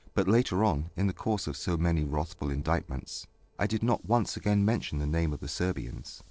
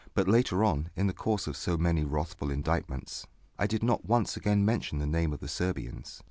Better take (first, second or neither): second